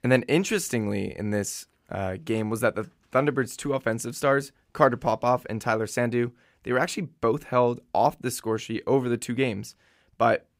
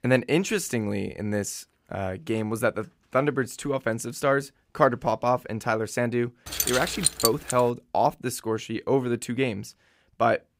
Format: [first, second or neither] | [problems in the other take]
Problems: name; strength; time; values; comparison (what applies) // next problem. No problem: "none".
first | jangling keys; loud; at 6.5 s; peak 3 dB above the speech